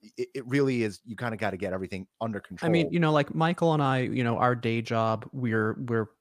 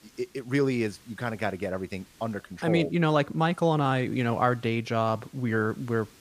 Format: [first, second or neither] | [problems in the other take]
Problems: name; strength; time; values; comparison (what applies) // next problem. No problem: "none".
first | hiss; faint; throughout; 30 dB below the speech